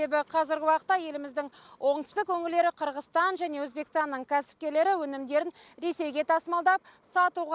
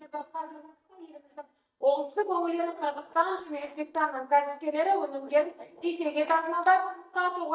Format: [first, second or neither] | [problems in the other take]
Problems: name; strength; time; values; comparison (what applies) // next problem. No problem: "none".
first | noise reduction (neural mask model DeepFilterNet 3)